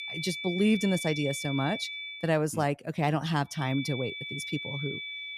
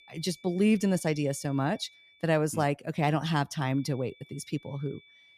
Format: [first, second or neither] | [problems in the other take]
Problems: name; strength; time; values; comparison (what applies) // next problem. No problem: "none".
second | high-pitched whine; loud; until 2 s and from 3.5 s on; 2.5 kHz, 6 dB below the speech; faint in the second